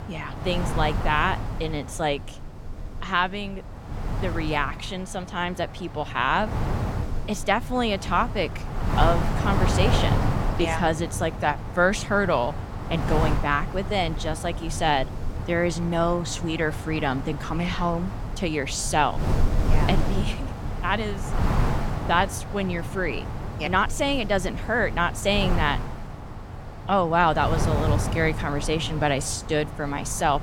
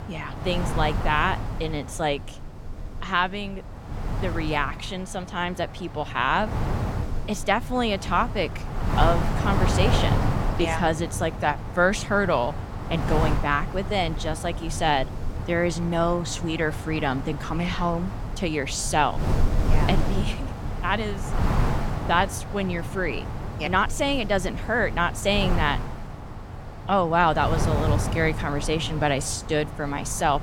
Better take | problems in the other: neither | wind noise on the microphone; heavy; 10 dB below the speech; the same in both

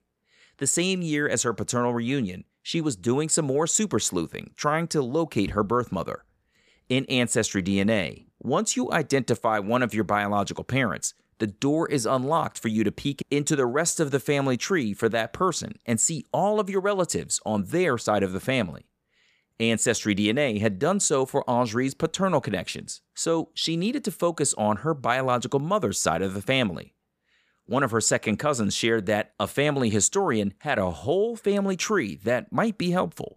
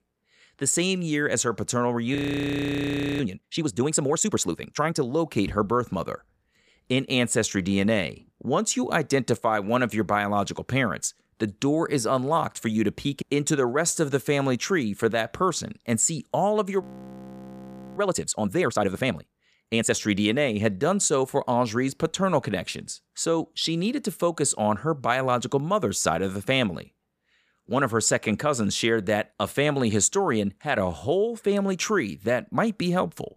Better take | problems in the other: first | audio freezing; at 2 s for 1 s and at 17 s for 1 s

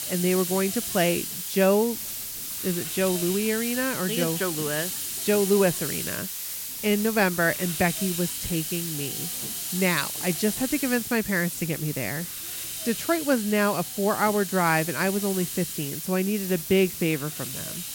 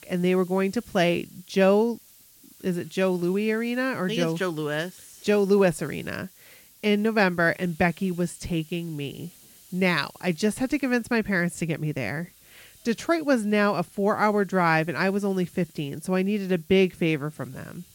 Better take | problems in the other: second | hiss; loud; throughout; 4 dB below the speech; faint in the second

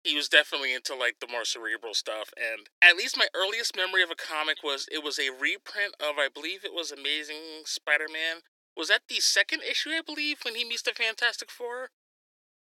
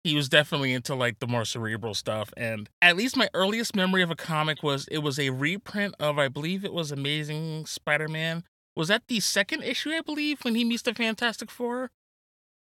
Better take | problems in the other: second | thin; very; fading below 300 Hz

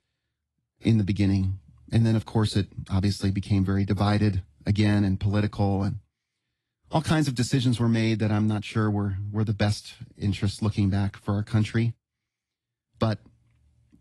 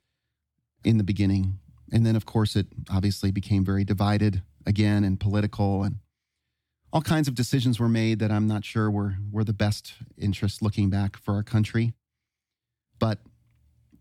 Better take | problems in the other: second | garbled, watery; slightly; nothing above 11.5 kHz

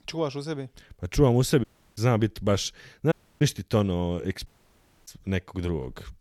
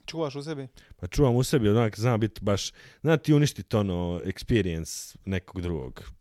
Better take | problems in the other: second | audio cutting out; at 1.5 s, at 3 s and at 4.5 s for 0.5 s

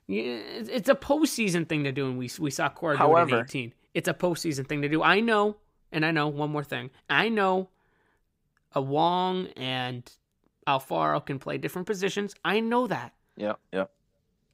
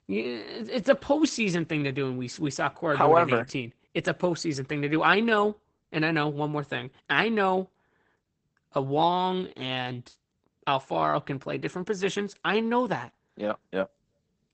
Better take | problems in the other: first | garbled, watery; badly; nothing above 8 kHz

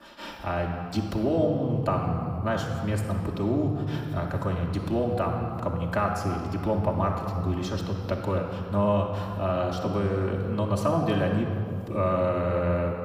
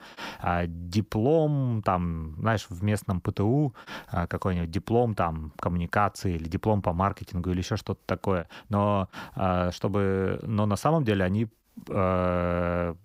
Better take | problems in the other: second | room echo; noticeable; dies away in 2.2 s // off-mic speech; far

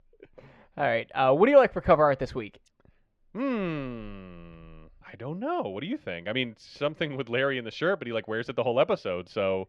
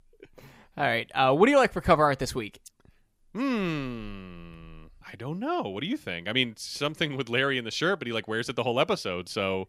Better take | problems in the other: second | muffled; slightly; fading above 3 kHz

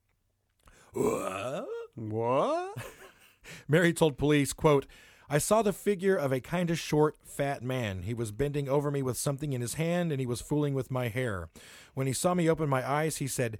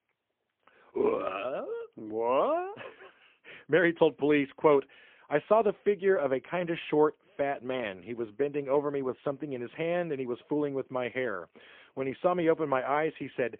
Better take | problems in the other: first | phone-call audio; poor line; nothing above 3.5 kHz

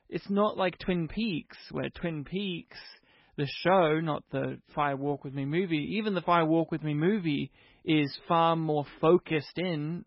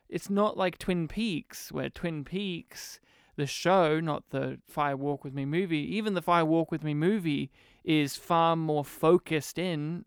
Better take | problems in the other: second | garbled, watery; badly; nothing above 5.5 kHz

